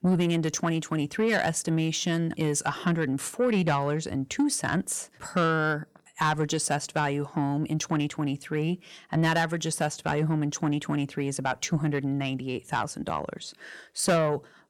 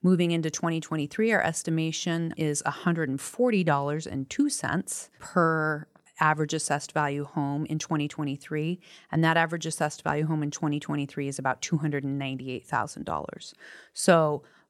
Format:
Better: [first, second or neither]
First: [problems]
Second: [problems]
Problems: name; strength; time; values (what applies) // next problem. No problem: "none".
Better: second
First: distortion; slight; 10 dB below the speech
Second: none